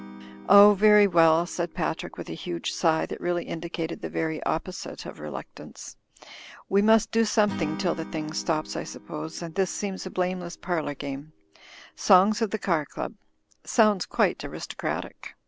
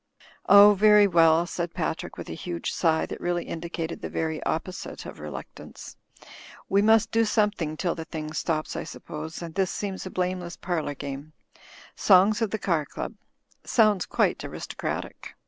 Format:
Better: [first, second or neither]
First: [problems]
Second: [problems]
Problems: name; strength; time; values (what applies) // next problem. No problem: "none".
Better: second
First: background sound (Acoustic guitar / Strum); 20 dB below the speech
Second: none